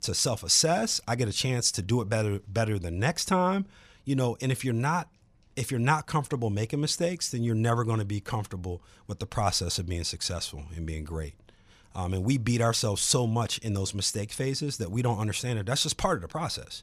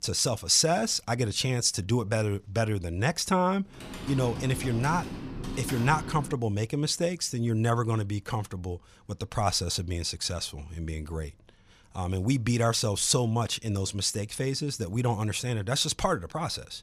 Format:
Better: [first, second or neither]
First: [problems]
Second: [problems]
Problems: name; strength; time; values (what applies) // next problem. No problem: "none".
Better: first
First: none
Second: keyboard typing; noticeable; from 3.5 to 6.5 s; peak 8 dB below the speech